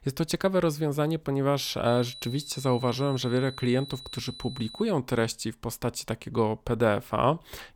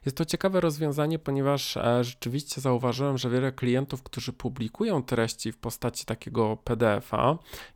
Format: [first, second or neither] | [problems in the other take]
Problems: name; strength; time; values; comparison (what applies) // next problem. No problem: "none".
second | high-pitched whine; noticeable; from 2 to 5 s; 4 kHz, 15 dB below the speech